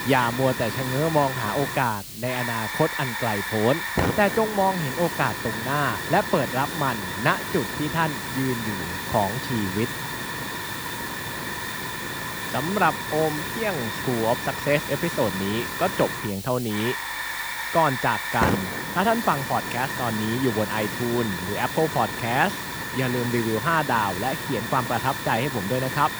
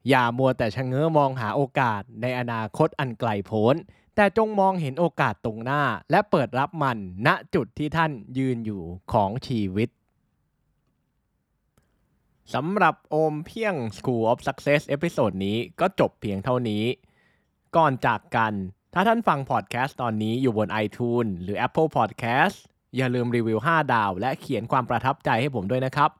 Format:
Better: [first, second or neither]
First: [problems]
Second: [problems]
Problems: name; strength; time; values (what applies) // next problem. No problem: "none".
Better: second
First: hiss; loud; throughout; 4 dB below the speech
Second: none